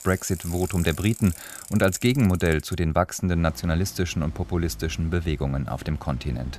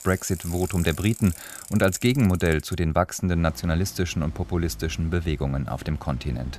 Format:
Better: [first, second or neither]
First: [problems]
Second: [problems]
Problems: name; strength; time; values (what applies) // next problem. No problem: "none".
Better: neither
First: traffic noise; noticeable; throughout; 15 dB below the speech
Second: traffic noise; noticeable; throughout; 15 dB below the speech